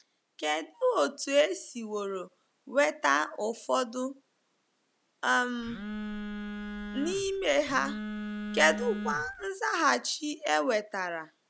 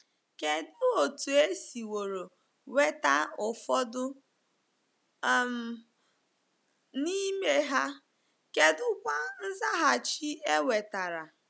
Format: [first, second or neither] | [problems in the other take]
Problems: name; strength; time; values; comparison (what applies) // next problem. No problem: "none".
second | background sound (Telephone); 7 dB below the speech